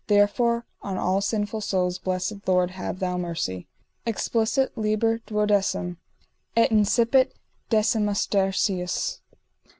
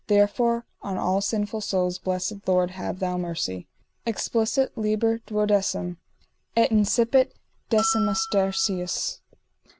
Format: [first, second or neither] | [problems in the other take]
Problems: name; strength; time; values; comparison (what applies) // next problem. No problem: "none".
first | background sound (Bell); 8 dB below the speech